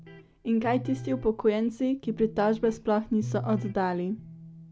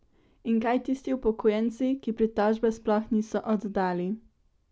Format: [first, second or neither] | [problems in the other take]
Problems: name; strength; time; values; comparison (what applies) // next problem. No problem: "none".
second | background sound (Electric guitar); 13 dB below the speech